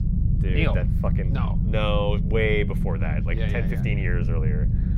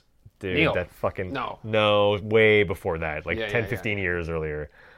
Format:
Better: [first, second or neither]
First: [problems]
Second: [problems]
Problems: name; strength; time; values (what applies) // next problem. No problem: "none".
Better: second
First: low rumble; loud; throughout; 8 dB below the speech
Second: none